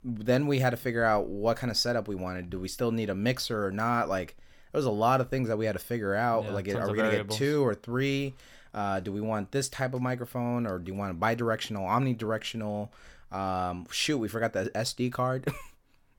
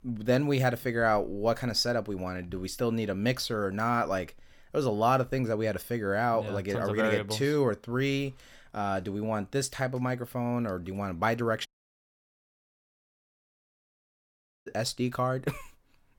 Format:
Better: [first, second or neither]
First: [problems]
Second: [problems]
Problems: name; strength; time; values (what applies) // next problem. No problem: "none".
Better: first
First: none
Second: audio cutting out; at 12 s for 3 s